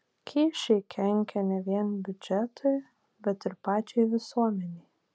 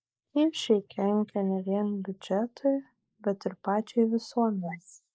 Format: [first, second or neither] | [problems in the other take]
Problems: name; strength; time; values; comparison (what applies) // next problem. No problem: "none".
first | noise reduction (neural mask model Resemble Enhance denoiser)